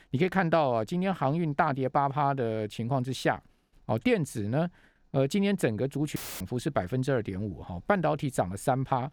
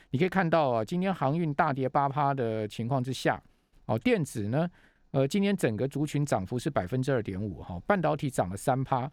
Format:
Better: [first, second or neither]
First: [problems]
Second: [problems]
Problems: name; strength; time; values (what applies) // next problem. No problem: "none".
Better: second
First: audio cutting out; filled with static; at 6 s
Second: none